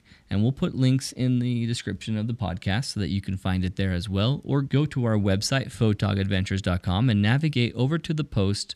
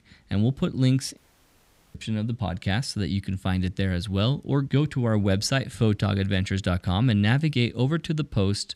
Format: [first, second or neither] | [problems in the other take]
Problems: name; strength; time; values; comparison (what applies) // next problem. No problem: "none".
first | audio cutting out; at 1 s for 1 s